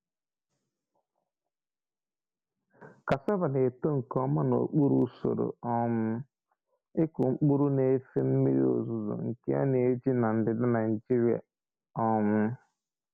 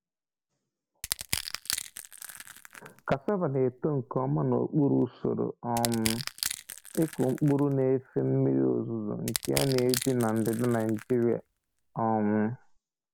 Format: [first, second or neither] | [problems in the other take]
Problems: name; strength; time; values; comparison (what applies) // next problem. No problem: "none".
first | background sound (Crushing); 10 dB below the speech